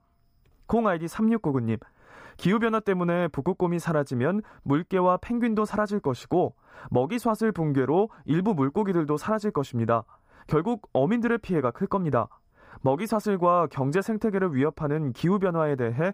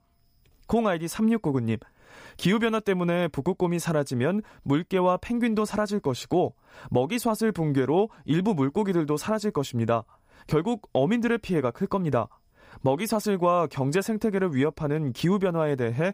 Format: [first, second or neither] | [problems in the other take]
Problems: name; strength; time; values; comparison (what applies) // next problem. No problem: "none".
second | muffled; slightly; fading above 2 kHz